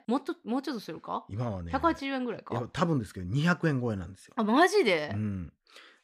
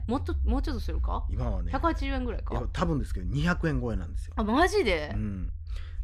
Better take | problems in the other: first | low rumble; faint; throughout; 25 dB below the speech

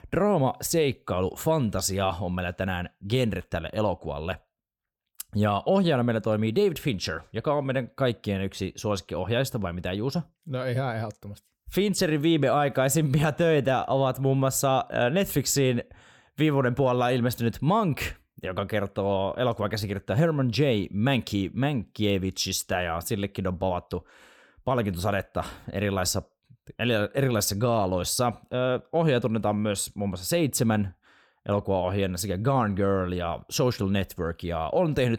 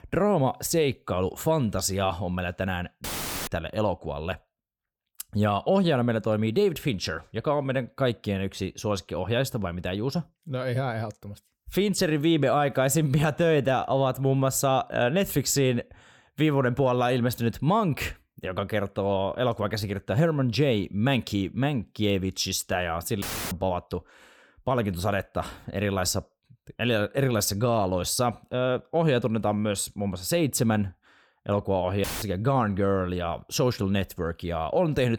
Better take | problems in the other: first | audio cutting out; filled with static; at 3 s, at 23 s and at 32 s

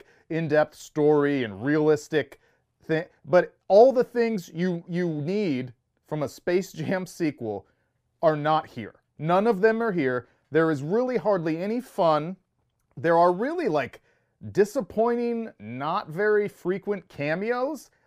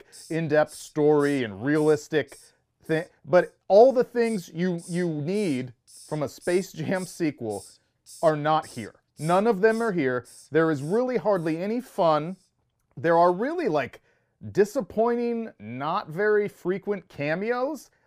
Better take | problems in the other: first | hiss; faint; until 13 s; 25 dB below the speech

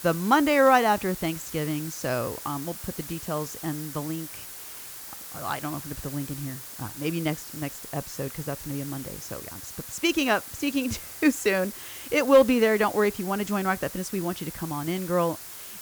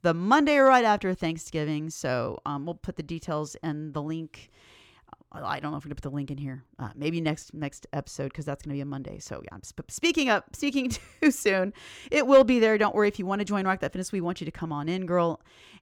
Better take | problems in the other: second | hiss; noticeable; throughout; 10 dB below the speech

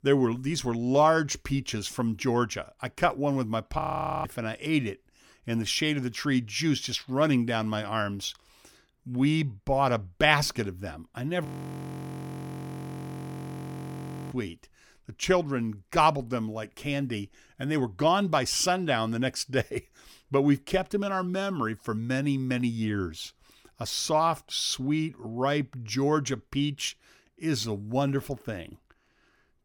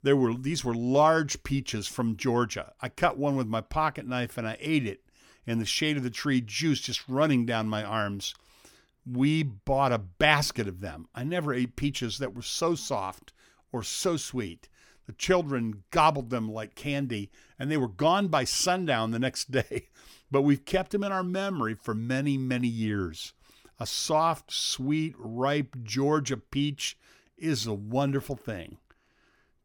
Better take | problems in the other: second | audio freezing; at 4 s and at 11 s for 3 s

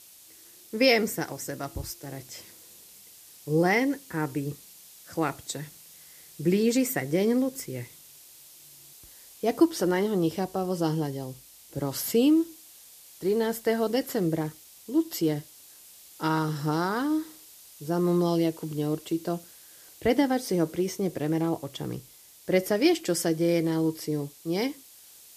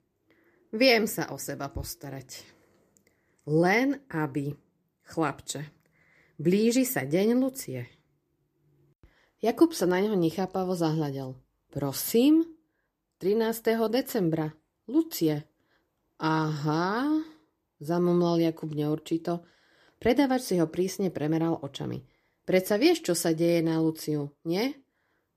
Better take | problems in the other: second | hiss; faint; throughout; 20 dB below the speech

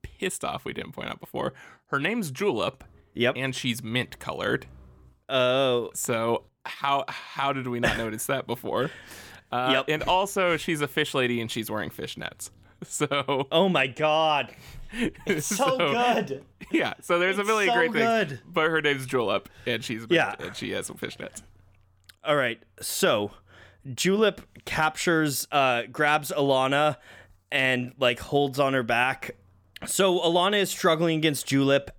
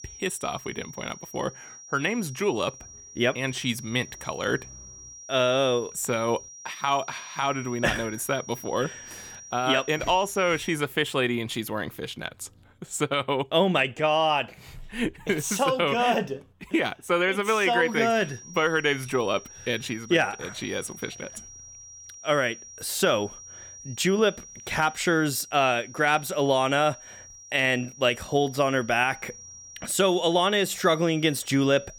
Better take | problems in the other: first | high-pitched whine; noticeable; until 11 s and from 18 s on; 5.5 kHz, 15 dB below the speech

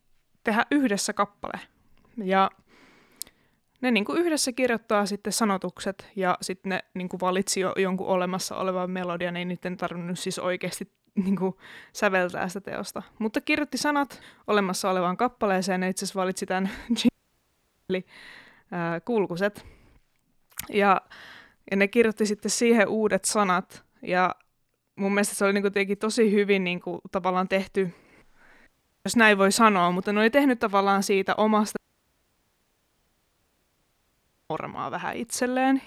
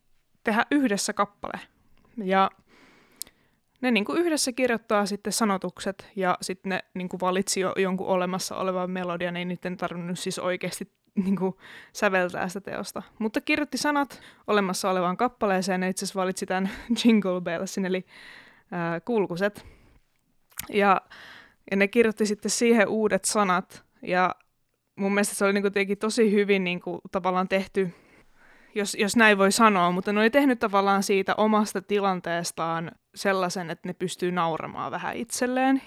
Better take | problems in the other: second | audio cutting out; at 17 s for 1 s, at 29 s and at 32 s for 2.5 s

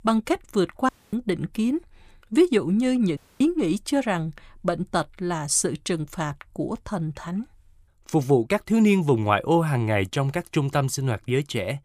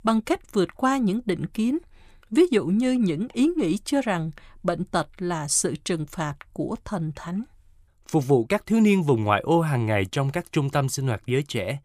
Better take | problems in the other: second | audio cutting out; at 1 s and at 3 s

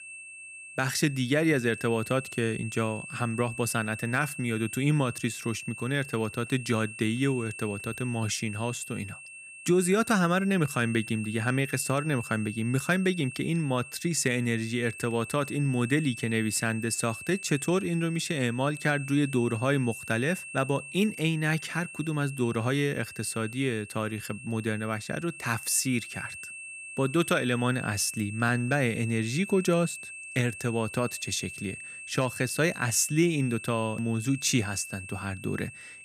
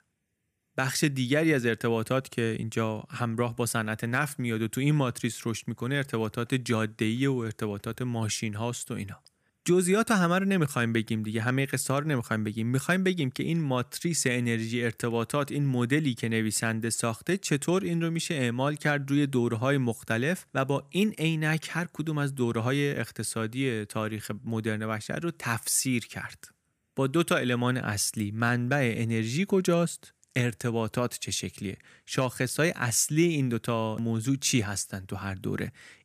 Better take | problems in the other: second | high-pitched whine; noticeable; throughout; 2.5 kHz, 10 dB below the speech

